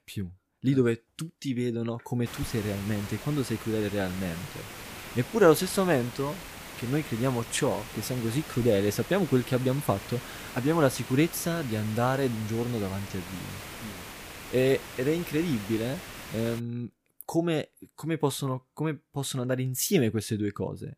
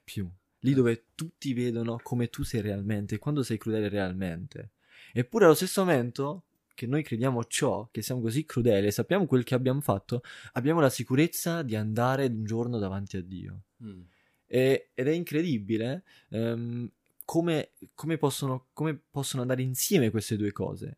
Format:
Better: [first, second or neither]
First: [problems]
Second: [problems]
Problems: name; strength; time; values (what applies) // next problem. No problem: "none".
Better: second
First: hiss; noticeable; from 2.5 to 17 s; 10 dB below the speech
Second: none